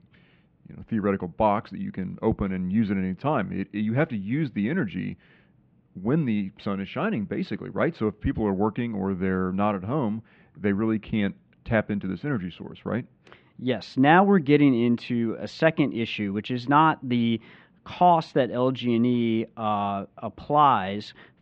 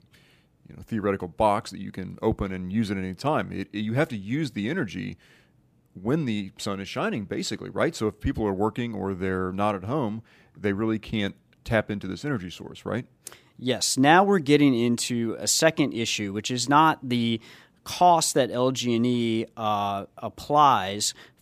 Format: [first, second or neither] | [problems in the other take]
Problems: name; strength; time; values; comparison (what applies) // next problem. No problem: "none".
second | muffled; very; fading above 3 kHz